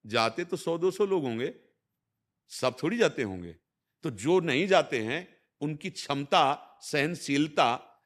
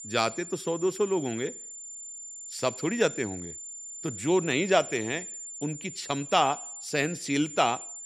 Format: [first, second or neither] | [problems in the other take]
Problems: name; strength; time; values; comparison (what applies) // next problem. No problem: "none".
first | high-pitched whine; noticeable; throughout; 7 kHz, 10 dB below the speech